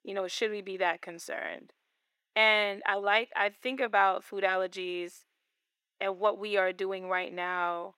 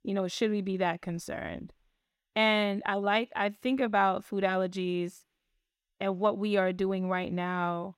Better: second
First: thin; very; fading below 350 Hz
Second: none

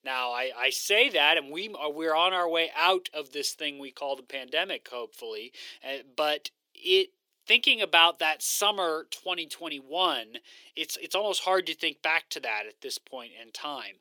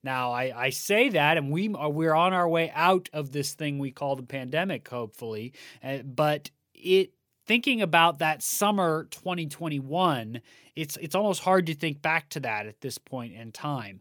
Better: second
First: thin; somewhat; fading below 350 Hz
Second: none

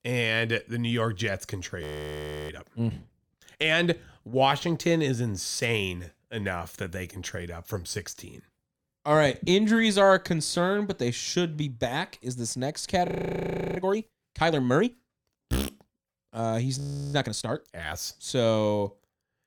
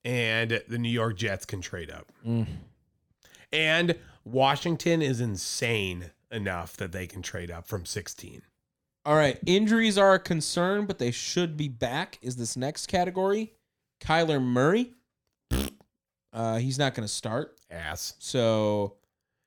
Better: second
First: audio freezing; at 2 s for 0.5 s, at 13 s for 0.5 s and at 17 s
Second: none

